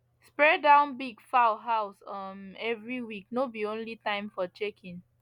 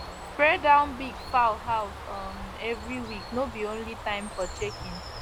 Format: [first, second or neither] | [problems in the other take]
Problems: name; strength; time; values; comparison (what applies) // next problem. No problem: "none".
first | background sound (Bird); 11 dB below the speech